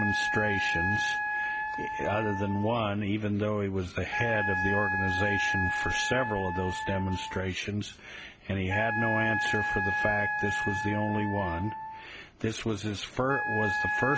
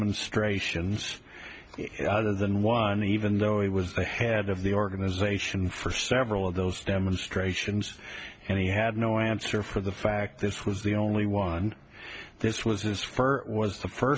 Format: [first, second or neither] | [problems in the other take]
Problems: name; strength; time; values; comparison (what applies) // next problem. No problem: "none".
second | background sound (Wind instrument, woodwind instrument); 1 dB below the speech